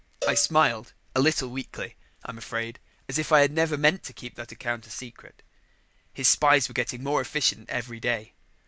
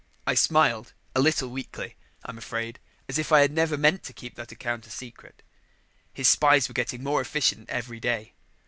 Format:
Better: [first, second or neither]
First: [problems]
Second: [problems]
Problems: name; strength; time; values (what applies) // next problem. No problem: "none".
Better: second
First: background sound (Cowbell); 11 dB below the speech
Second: none